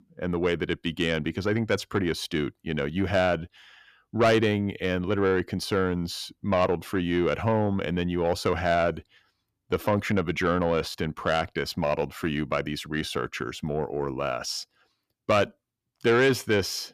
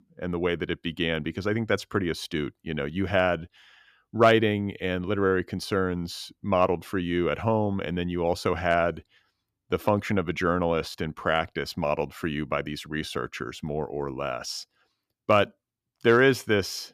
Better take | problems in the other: second | distortion; slight; 10 dB below the speech

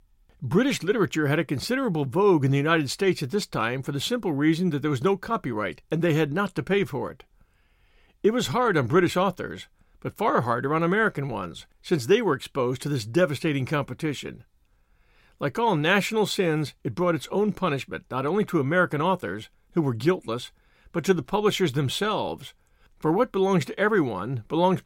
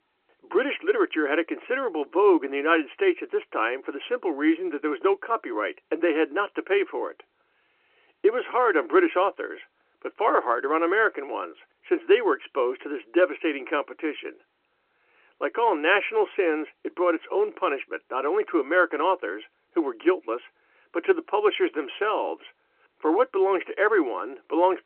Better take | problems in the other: first | phone-call audio

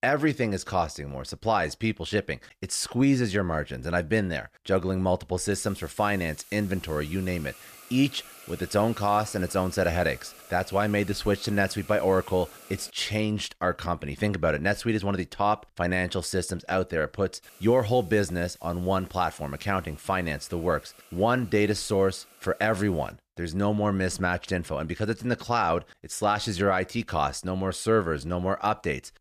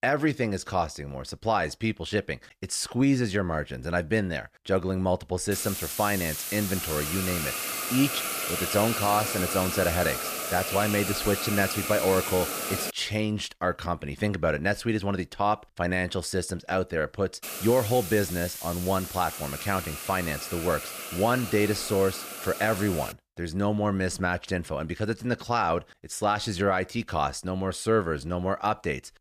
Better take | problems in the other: first | hiss; loud; from 5.5 to 13 s and from 17 to 23 s; 4 dB below the speech; faint in the first

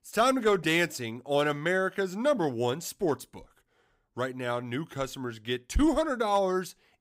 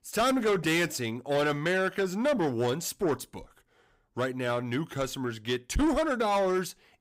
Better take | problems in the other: first | distortion; slight; 10 dB below the speech

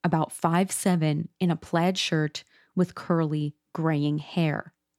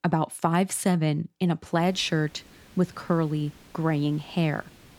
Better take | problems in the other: first | hiss; faint; from 2 s on; 25 dB below the speech

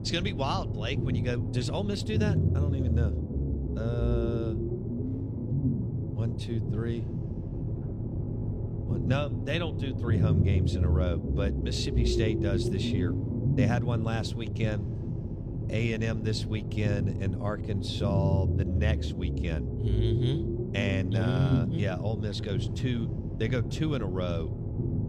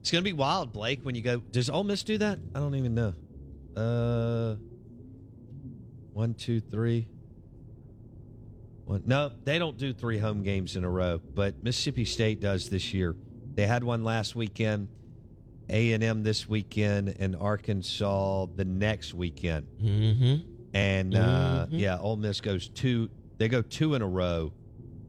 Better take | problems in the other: second | low rumble; loud; throughout; 4 dB below the speech; faint in the second

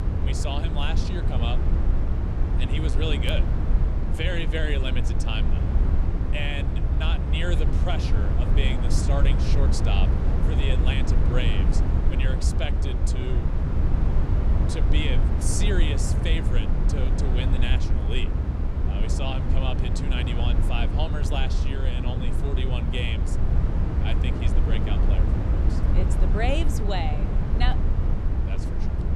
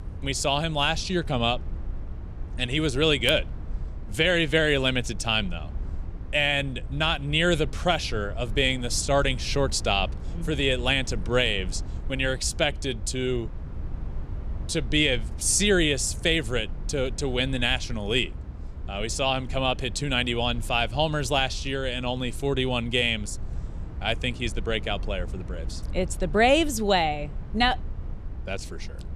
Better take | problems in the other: second | low rumble; loud; throughout; 3 dB below the speech; faint in the second

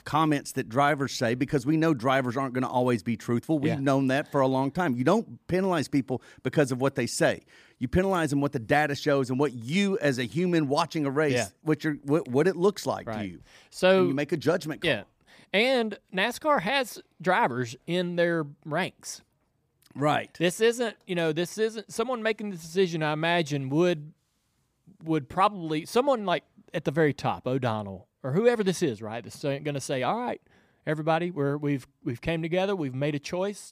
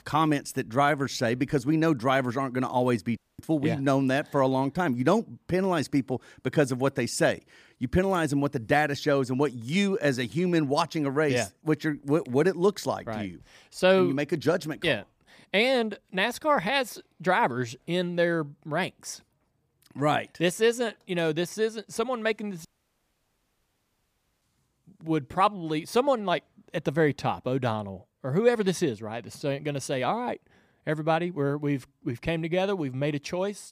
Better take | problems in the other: first | audio cutting out; at 3 s and at 23 s for 2 s

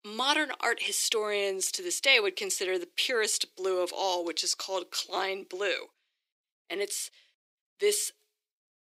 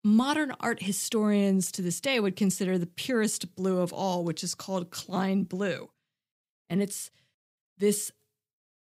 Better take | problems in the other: second | thin; very; fading below 350 Hz

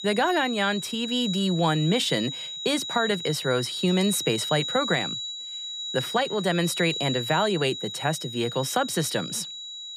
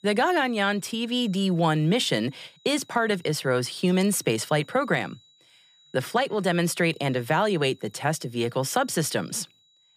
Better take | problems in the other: second | high-pitched whine; loud; throughout; 4 kHz, 6 dB below the speech; faint in the second

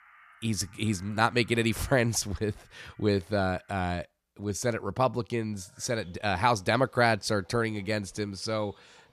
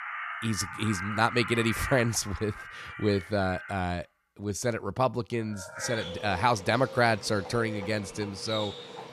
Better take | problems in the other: first | animal sounds; loud; throughout; 9 dB below the speech; faint in the first

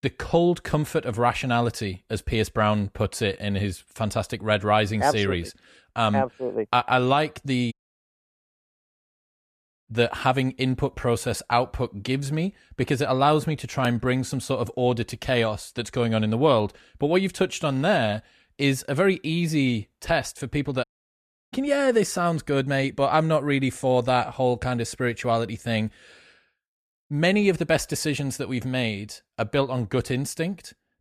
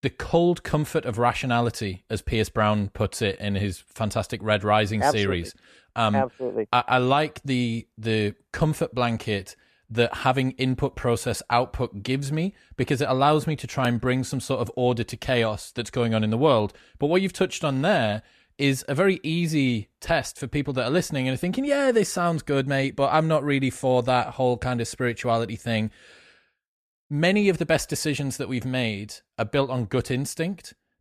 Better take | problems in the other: second | audio cutting out; at 7.5 s for 2 s and at 21 s for 0.5 s

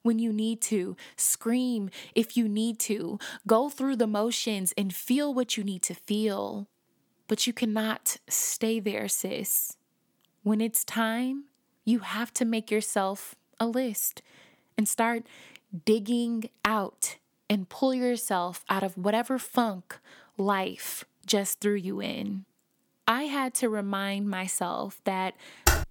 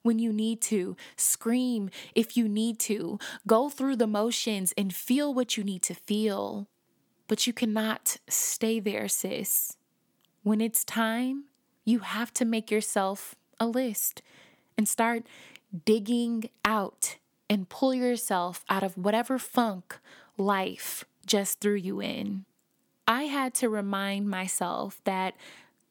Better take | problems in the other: second | keyboard typing; loud; at 25 s; peak 3 dB above the speech

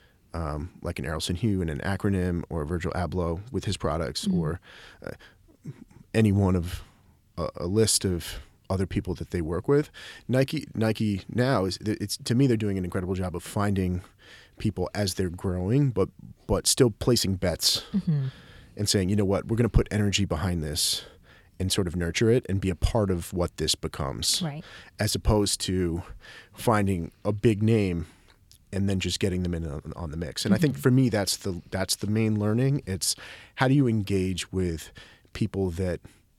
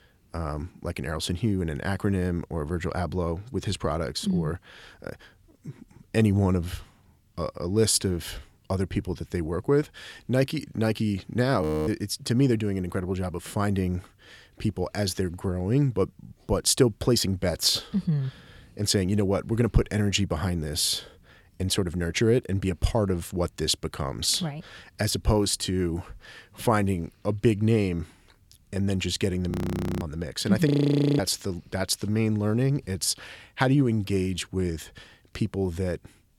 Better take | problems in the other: first | audio freezing; at 12 s, at 30 s for 0.5 s and at 31 s for 0.5 s

